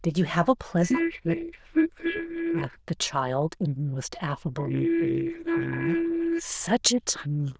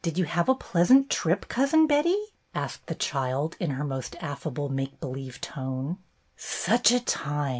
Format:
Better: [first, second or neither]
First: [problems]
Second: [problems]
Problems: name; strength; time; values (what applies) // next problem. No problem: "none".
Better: second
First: noise reduction (neural diffusion model UNIVERSE++)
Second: none